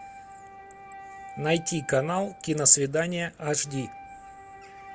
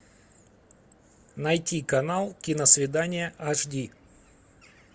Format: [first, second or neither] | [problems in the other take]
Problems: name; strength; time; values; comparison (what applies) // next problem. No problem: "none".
second | background sound (Wind instrument, woodwind instrument); 17 dB below the speech